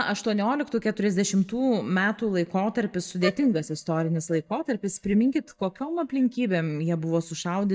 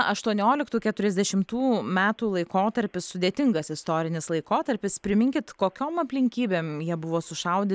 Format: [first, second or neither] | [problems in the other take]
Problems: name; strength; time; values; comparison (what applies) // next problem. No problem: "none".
second | noise reduction (neural mask model DeepFilterNet 3)